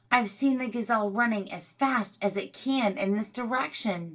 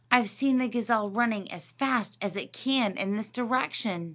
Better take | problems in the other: second | room echo; dies away in 0.2 s

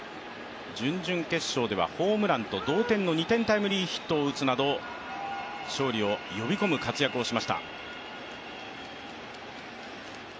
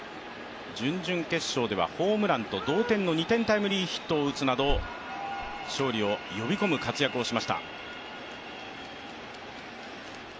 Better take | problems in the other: first | background sound (Alarm); 15 dB below the speech

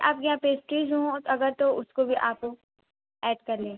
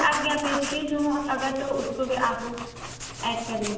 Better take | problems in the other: first | background sound (Writing); 8 dB below the speech // room echo; dies away in 0.8 s

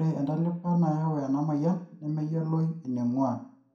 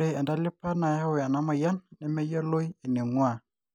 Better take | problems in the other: second | room echo; dies away in 0.5 s

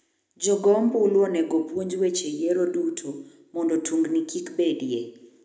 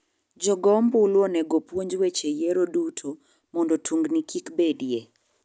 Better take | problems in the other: second | room echo; dies away in 0.7 s

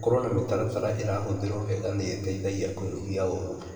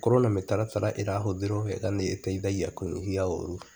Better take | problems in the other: second | room echo; dies away in 2 s

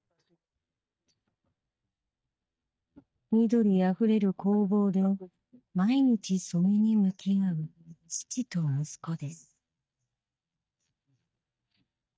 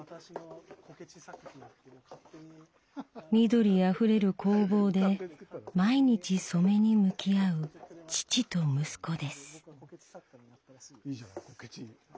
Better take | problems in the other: second | noise reduction (neural mask model DeepFilterNet 3)

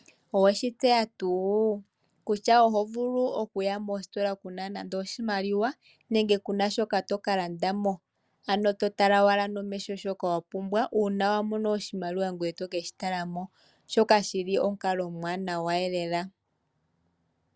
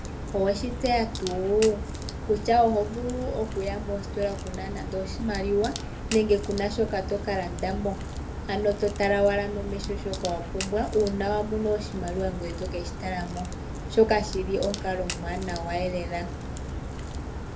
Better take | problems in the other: first | background sound (Crack); 6 dB below the speech // room echo; dies away in 0.3 s

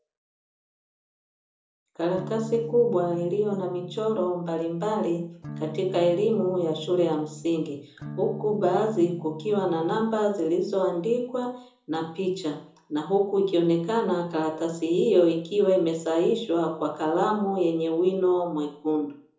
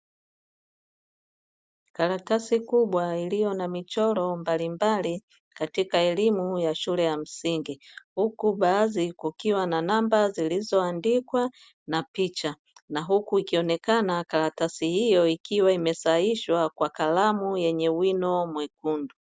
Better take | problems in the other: second | background sound (Electric guitar / Strum); 13 dB below the speech // room echo; dies away in 0.5 s

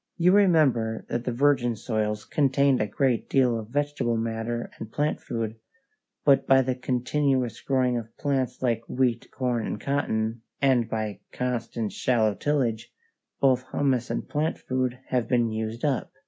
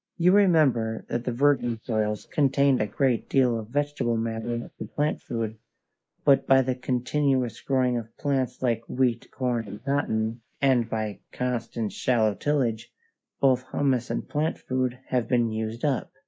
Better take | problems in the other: first | noise reduction (neural mask model Resemble Enhance denoiser)

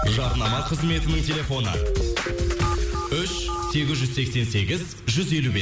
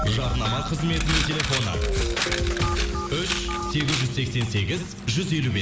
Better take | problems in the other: first | background sound (Coin (dropping)); 7 dB below the speech

